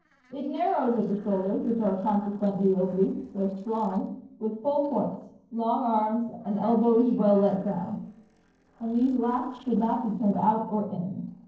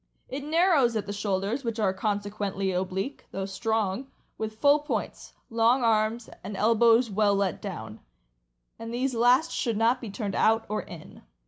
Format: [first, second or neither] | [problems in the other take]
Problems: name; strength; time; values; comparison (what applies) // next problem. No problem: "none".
second | noise reduction (neural separator model SepFormer DNS4)